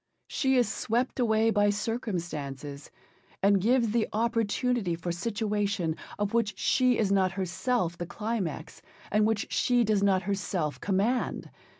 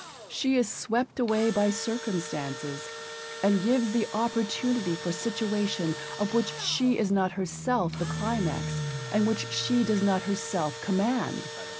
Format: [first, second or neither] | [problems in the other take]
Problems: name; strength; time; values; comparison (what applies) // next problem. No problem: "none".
first | background sound (Engine / Drill + Livestock, farm animals, working animals); 10 dB below the speech